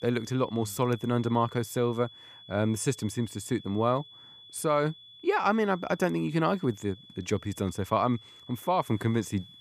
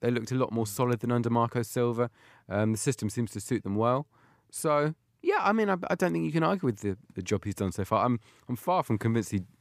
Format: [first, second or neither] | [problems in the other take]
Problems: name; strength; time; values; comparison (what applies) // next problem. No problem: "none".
second | high-pitched whine; noticeable; throughout; 3.5 kHz, 20 dB below the speech